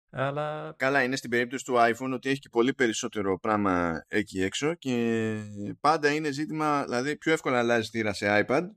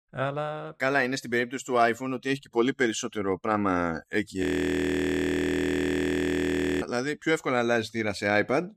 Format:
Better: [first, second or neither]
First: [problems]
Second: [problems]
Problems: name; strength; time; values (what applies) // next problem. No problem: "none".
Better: first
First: none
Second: audio freezing; at 4.5 s for 2.5 s